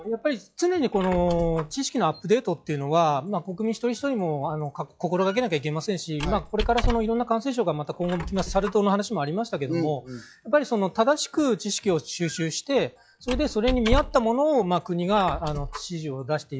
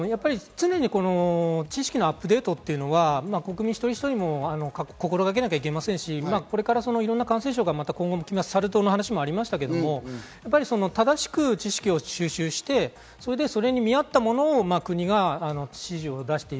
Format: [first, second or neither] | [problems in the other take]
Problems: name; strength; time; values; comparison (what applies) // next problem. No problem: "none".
second | noise reduction (classical method log-MMSE)